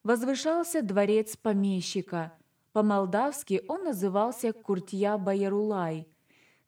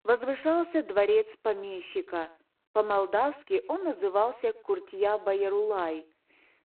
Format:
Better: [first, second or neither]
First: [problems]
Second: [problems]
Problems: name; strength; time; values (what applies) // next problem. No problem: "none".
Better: first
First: none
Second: phone-call audio; poor line; nothing above 4 kHz